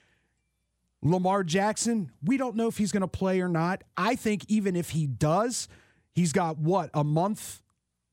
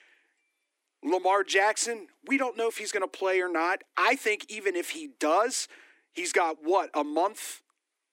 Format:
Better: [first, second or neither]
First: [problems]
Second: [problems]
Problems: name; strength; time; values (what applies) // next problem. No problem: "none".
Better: first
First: none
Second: thin; very; fading below 300 Hz